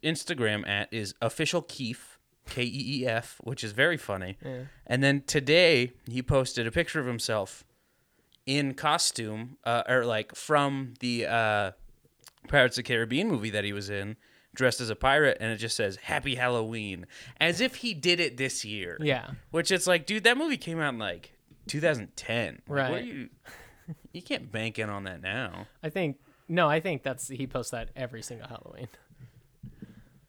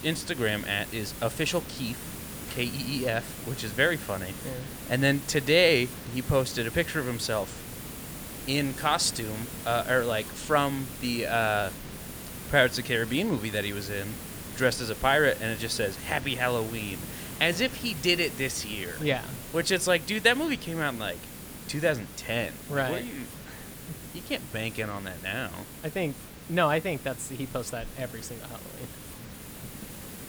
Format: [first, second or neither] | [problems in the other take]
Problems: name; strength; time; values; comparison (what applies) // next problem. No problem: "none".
first | hiss; noticeable; throughout; 10 dB below the speech